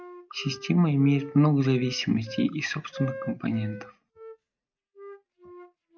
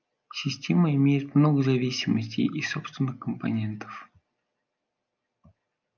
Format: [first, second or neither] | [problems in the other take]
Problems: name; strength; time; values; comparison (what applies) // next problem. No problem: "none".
second | noise reduction (neural mask model RNNoise)